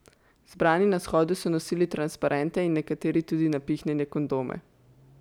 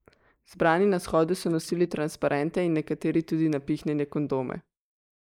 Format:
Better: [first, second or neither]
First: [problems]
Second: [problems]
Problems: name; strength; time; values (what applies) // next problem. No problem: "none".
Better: first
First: none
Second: noise reduction (neural mask model Resemble Enhance denoiser)